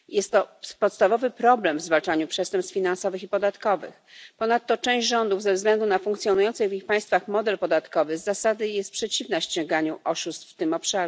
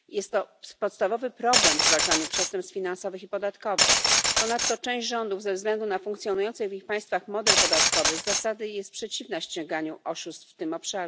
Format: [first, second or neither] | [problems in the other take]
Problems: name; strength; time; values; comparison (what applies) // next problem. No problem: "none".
first | background sound (Glass); 4 dB above the speech